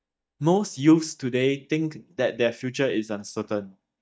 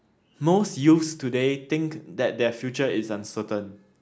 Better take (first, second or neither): second